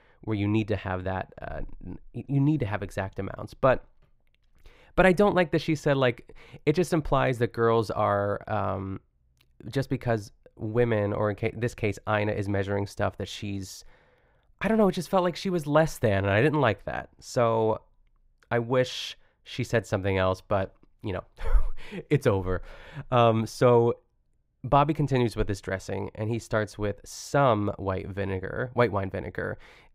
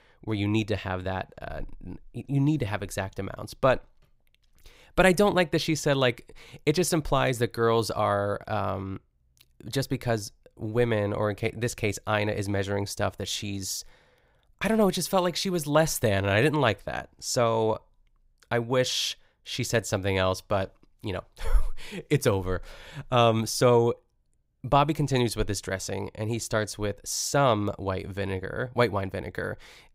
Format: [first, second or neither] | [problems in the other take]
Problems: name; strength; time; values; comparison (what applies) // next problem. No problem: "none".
second | muffled; slightly; fading above 3.5 kHz